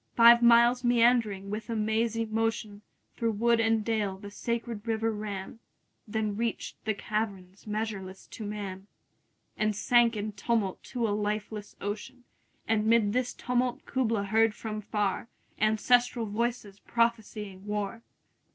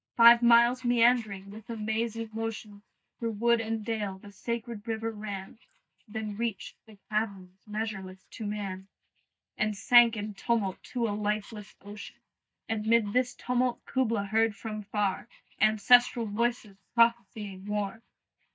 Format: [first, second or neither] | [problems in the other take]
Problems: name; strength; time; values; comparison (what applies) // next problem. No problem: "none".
first | noise reduction (neural mask model DeepFilterNet 3)